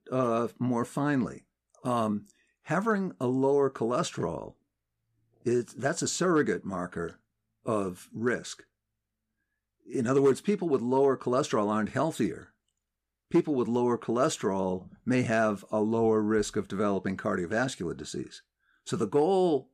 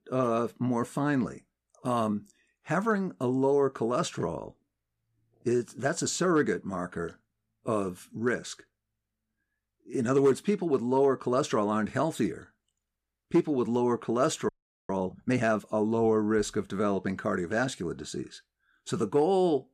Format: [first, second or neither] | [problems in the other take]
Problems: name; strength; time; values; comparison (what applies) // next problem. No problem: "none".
first | audio freezing; at 14 s